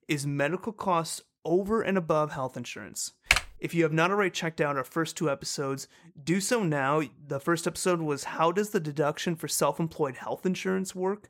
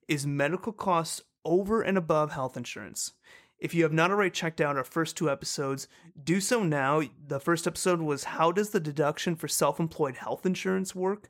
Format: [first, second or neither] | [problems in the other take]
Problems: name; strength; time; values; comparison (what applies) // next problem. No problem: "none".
second | keyboard typing; loud; at 3.5 s; peak 4 dB above the speech